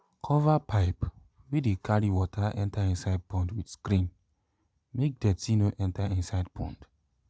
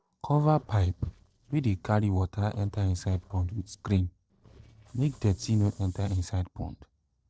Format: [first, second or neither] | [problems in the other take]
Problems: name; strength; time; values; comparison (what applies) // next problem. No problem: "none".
first | noise reduction (neural separator model SepFormer DNS4)